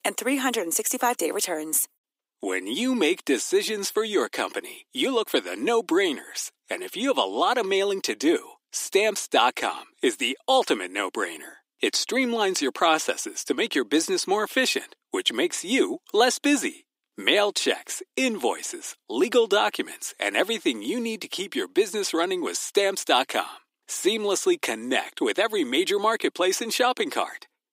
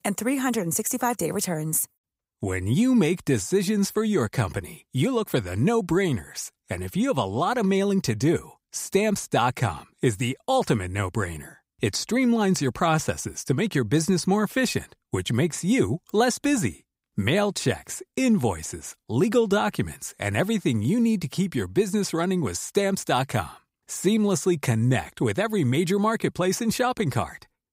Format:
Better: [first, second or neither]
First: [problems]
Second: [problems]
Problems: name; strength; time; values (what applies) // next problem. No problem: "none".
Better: second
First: thin; somewhat; fading below 300 Hz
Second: none